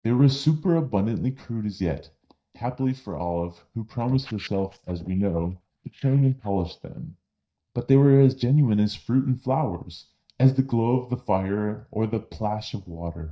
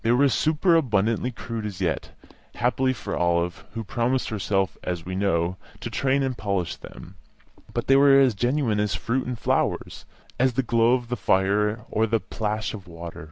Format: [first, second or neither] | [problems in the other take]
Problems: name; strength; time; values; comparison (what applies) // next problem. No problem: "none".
second | noise reduction (neural mask model DeepFilterNet 3)